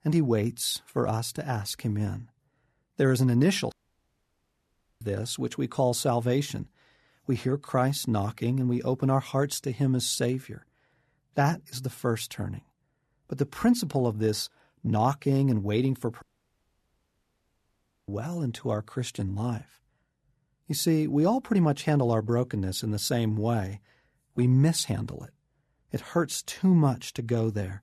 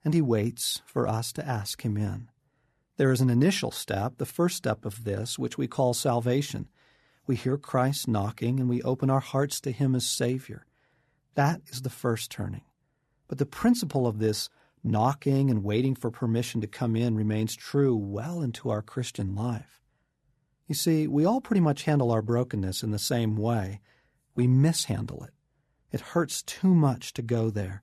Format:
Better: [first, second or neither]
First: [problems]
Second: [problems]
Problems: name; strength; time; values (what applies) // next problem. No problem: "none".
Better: second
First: audio cutting out; at 3.5 s for 1.5 s and at 16 s for 2 s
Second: none